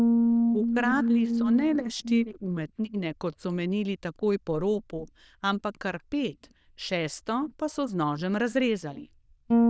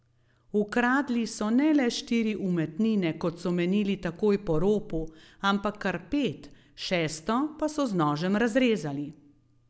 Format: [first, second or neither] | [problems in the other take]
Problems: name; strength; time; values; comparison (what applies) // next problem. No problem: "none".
second | noise reduction (neural diffusion model UNIVERSE++)